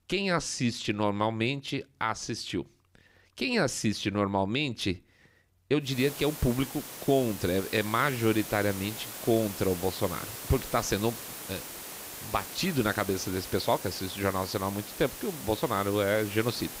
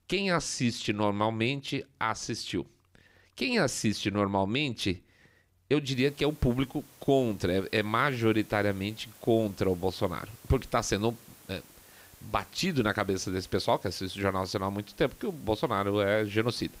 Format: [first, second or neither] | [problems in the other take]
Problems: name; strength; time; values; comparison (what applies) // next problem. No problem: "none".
second | hiss; loud; from 6 s on; 9 dB below the speech; faint in the second